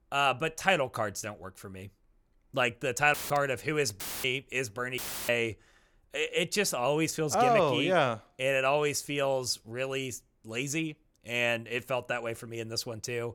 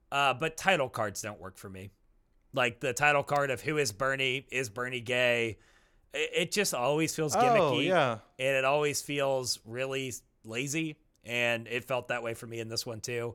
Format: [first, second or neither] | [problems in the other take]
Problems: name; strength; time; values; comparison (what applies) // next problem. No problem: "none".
second | audio cutting out; filled with static; at 3 s, at 4 s and at 5 s